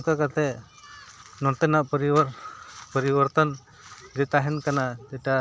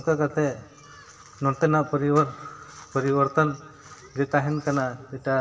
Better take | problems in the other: first | room echo; dies away in 2.4 s

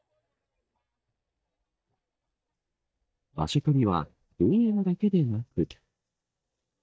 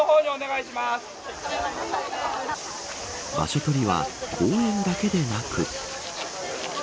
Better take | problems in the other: second | noise reduction (neural mask model DeepFilterNet 3)

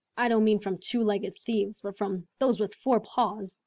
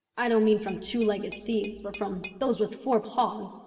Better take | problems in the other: first | background sound (Tap / Glass); 19 dB below the speech // room echo; dies away in 1.6 s

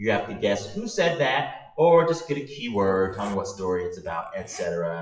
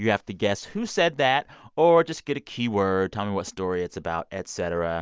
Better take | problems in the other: second | noise reduction (classical method WPE with log-MMSE)

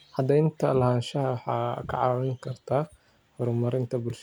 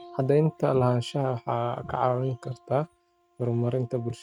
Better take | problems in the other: first | noise reduction (neural mask model RNNoise)

